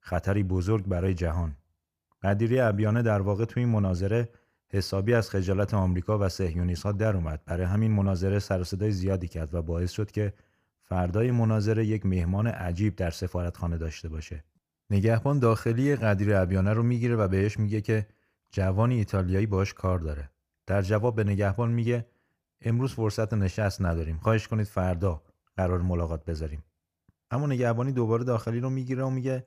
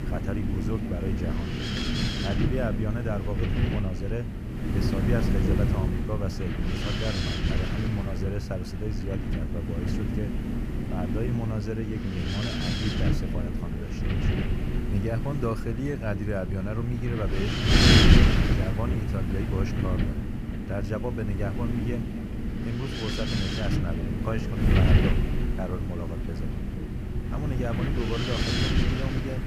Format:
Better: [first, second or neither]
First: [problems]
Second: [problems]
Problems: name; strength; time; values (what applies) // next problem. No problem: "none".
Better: first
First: none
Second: wind noise on the microphone; heavy; 4 dB above the speech